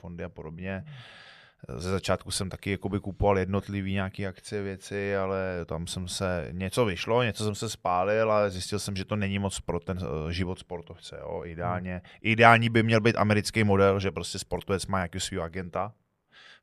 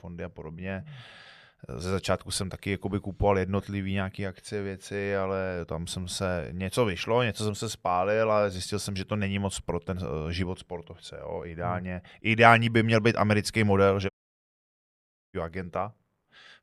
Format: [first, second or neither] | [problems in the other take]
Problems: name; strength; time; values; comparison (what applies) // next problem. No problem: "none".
first | audio cutting out; at 14 s for 1 s